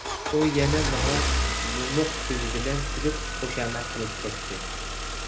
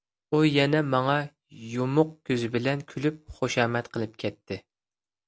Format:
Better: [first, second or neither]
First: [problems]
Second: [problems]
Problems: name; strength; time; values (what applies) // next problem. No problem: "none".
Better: second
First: background sound (Engine starting / Car); 1 dB above the speech // room echo; dies away in 0.3 s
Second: none